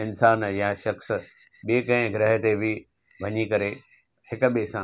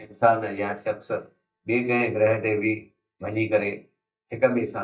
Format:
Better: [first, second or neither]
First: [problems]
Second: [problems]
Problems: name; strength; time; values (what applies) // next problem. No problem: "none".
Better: first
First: none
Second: noise reduction (neural mask model DeepFilterNet 3)